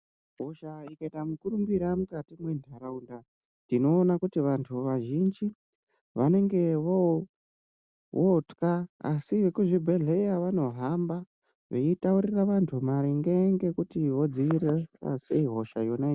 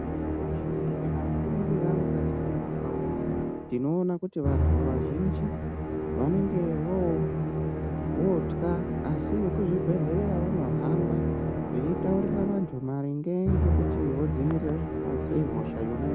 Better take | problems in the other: first | background sound (Musical instrument); 2 dB above the speech

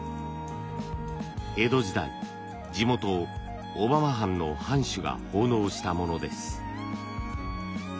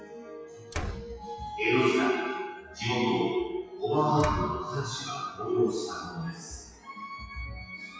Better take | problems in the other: first | noise reduction (classical method WPE with log-MMSE)

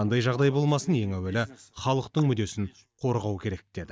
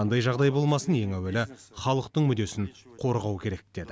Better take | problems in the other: second | noise reduction (neural mask model DeepFilterNet 3)

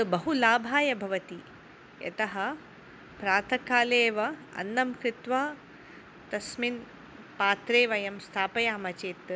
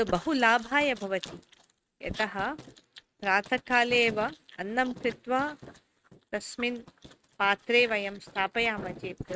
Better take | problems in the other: first | noise reduction (neural mask model RNNoise)

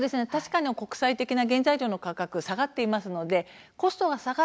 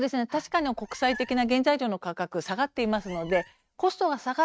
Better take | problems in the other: first | noise reduction (neural mask model RNNoise)

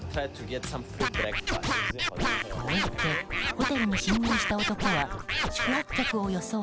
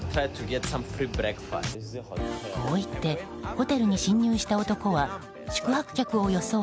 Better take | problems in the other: second | background sound (Scratching (performance technique)); 2 dB above the speech

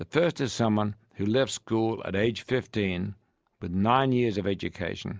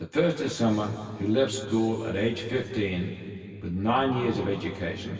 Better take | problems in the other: first | room echo; dies away in 2.6 s

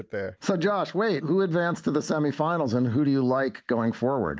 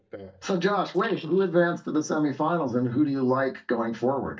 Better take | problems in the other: first | noise reduction (neural mask model DeepFilterNet 3)

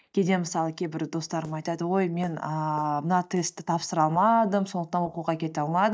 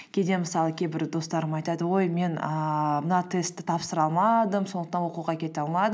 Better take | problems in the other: second | noise reduction (neural mask model DeepFilterNet 3)

